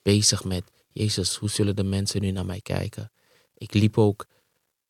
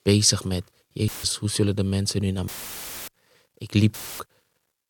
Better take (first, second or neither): first